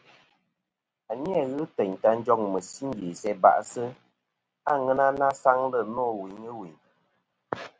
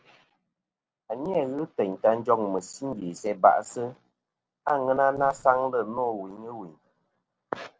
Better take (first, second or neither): first